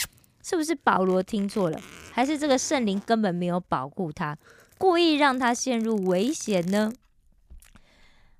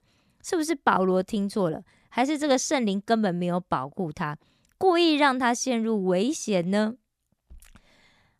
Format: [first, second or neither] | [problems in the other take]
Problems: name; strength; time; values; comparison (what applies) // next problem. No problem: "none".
second | household noises; faint; throughout; 20 dB below the speech